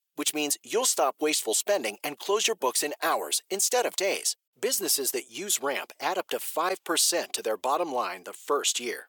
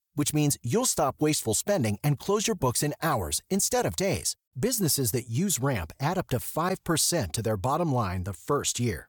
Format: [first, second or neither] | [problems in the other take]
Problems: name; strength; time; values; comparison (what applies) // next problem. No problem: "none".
second | thin; very; fading below 350 Hz